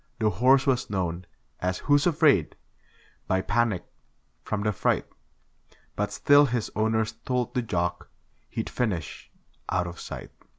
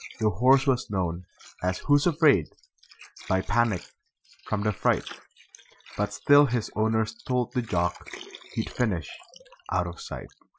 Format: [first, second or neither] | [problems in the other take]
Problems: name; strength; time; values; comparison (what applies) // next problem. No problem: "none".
first | noise reduction (classical method Wiener filter)